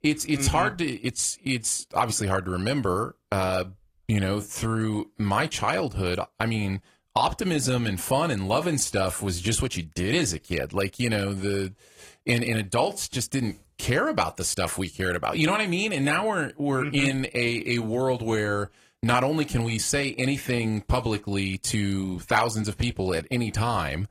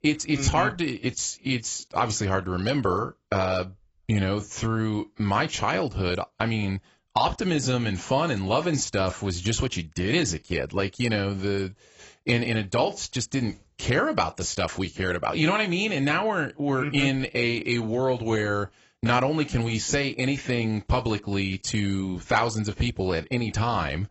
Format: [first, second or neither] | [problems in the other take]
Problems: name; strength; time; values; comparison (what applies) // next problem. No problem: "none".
first | garbled, watery; badly; nothing above 7.5 kHz; slightly in the first